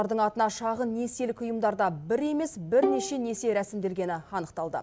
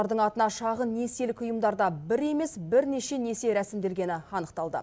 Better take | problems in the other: second | background sound (Bowed string instrument); 5 dB below the speech

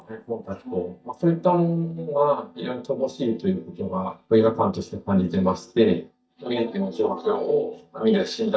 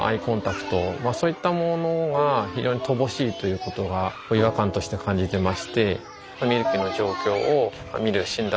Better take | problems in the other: second | noise reduction (neural mask model DeepFilterNet 3)

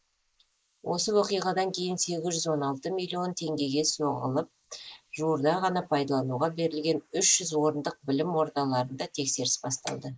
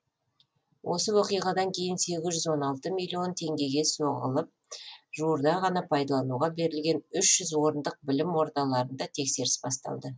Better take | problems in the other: second | noise reduction (neural mask model Resemble Enhance denoiser)

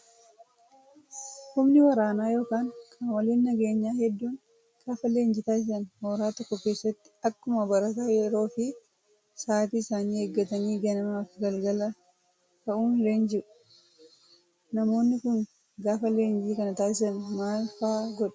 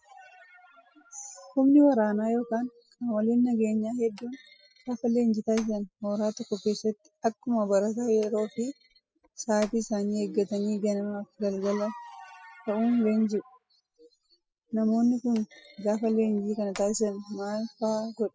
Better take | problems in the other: first | noise reduction (classical method spectral subtraction)

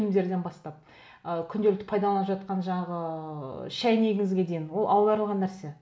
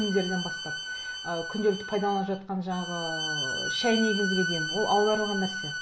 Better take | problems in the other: first | background sound (Bowed string instrument); 4 dB below the speech

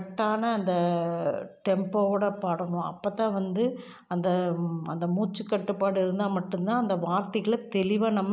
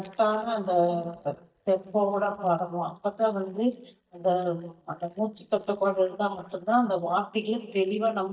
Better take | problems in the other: first | noise reduction (neural mask model DeepFilterNet 3)

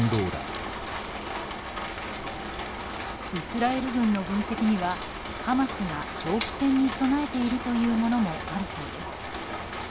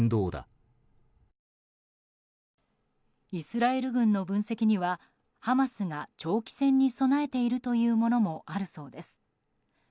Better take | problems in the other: second | background sound (Rain); 6 dB below the speech

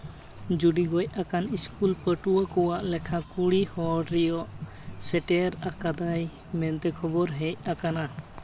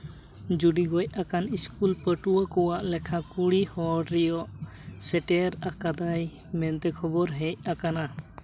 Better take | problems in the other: second | background sound (Rain); 18 dB below the speech

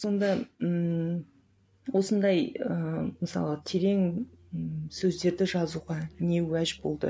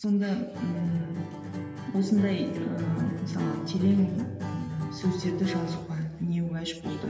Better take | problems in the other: first | background sound (Acoustic guitar); 7 dB below the speech // room echo; dies away in 2 s

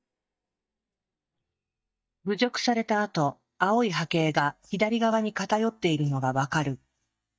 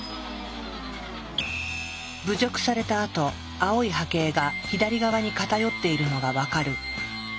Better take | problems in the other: second | noise reduction (neural mask model DeepFilterNet 3)

